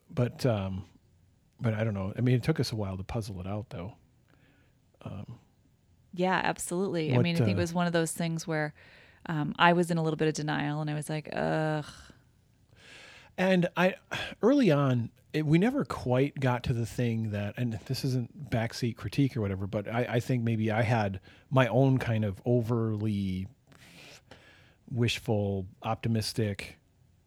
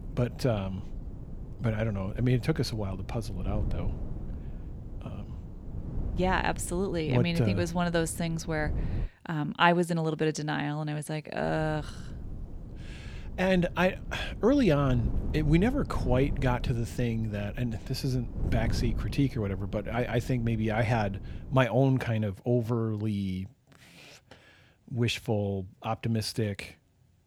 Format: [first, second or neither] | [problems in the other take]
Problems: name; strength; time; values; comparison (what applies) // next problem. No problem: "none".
first | wind noise on the microphone; occasional gusts; until 9 s and from 11 to 22 s; 20 dB below the speech